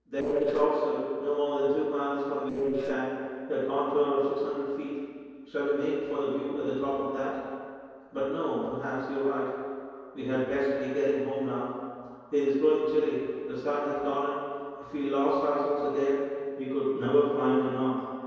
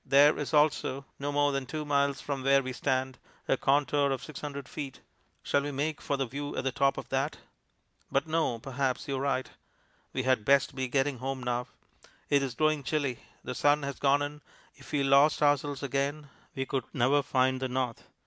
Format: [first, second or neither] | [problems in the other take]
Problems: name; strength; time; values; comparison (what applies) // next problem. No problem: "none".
second | noise reduction (neural separator model SepFormer DNS4)